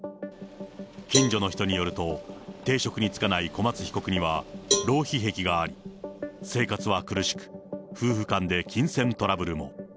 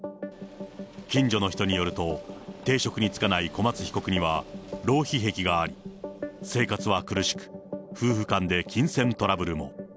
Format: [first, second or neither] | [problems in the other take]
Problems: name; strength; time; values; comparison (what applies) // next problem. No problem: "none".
second | background sound (Cowbell); 6 dB below the speech